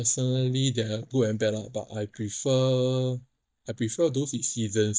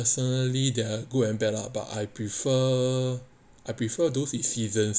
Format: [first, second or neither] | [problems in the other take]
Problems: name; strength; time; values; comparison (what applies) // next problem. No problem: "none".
second | noise reduction (neural mask model DeepFilterNet 3)